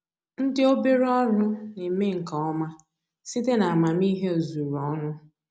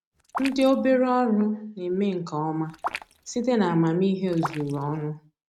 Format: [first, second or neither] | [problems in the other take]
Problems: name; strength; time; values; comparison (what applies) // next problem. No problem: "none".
first | noise reduction (neural mask model RNNoise)